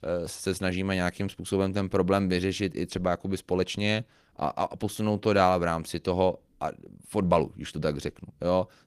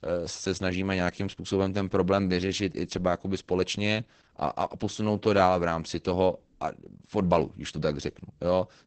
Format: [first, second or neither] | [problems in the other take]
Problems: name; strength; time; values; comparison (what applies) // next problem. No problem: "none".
first | garbled, watery; badly; nothing above 8 kHz; slightly in the first